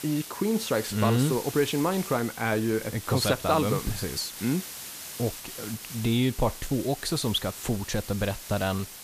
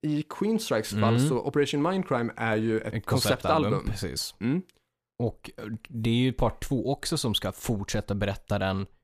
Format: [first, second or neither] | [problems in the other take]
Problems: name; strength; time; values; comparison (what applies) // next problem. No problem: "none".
second | hiss; noticeable; throughout; 10 dB below the speech